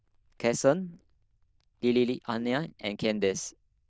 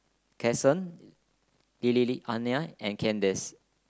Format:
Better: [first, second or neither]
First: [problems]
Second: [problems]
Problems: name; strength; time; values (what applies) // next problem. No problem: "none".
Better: second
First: noise reduction (neural diffusion model UNIVERSE++)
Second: none